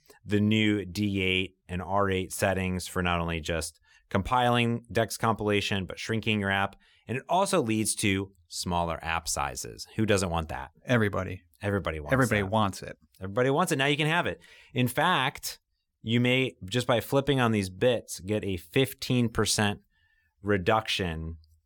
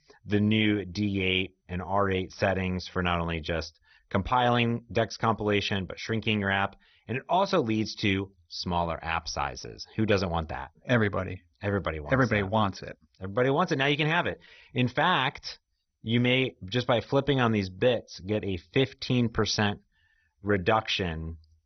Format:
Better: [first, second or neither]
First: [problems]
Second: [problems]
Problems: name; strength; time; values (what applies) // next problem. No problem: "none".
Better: first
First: none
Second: garbled, watery; badly; nothing above 6 kHz